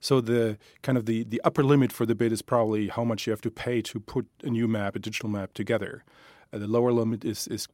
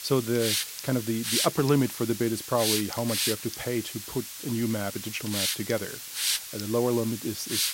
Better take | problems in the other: first | hiss; loud; throughout; 1 dB below the speech

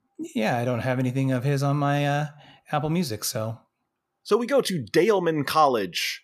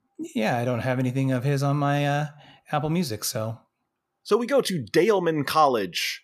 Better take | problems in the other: neither | none

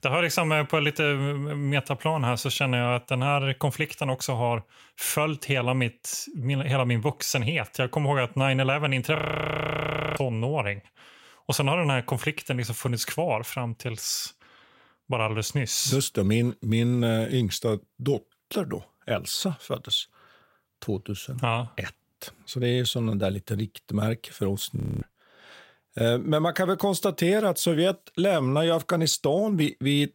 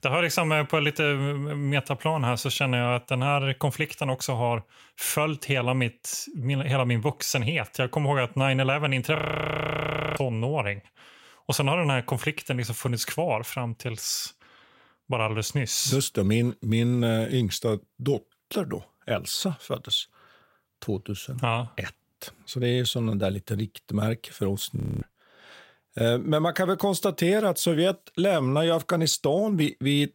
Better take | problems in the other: neither | audio freezing; at 9 s for 1 s and at 25 s; the same in both

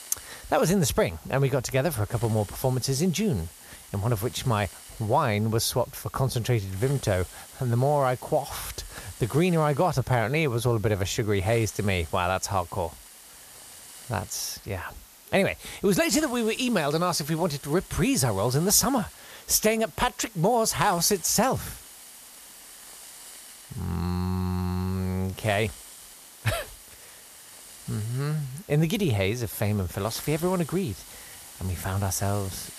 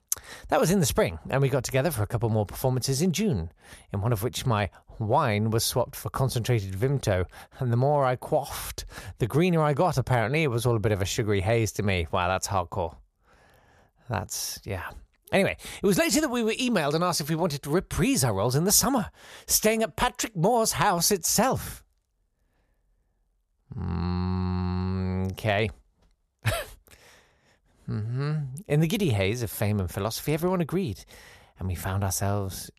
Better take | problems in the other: second | hiss; noticeable; throughout; 20 dB below the speech

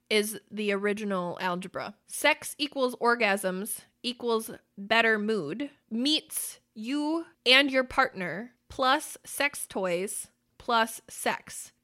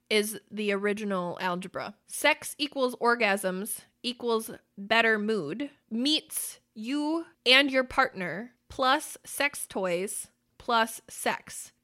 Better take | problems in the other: neither | none

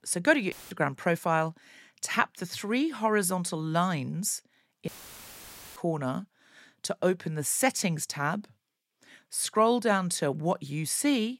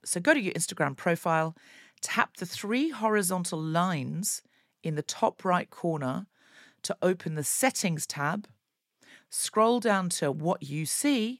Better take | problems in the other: second | audio cutting out; filled with static; at 0.5 s and at 5 s for 1 s

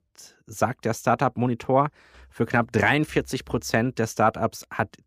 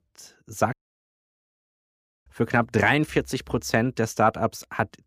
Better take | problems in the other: first | audio cutting out; at 0.5 s for 1.5 s

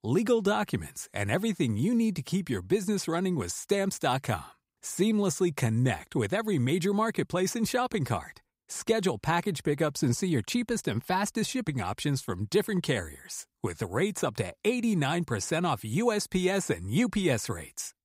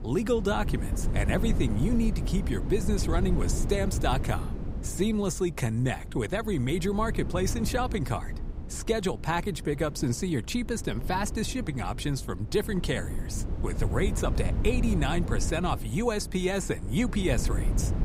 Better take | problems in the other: first | wind noise on the microphone; occasional gusts; 10 dB below the speech

